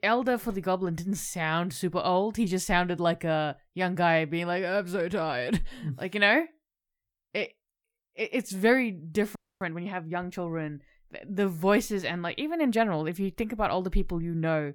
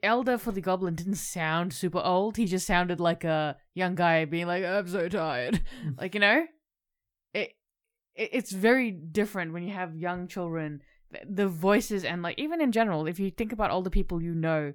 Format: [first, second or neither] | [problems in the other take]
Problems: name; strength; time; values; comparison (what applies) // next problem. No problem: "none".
second | audio freezing; at 9.5 s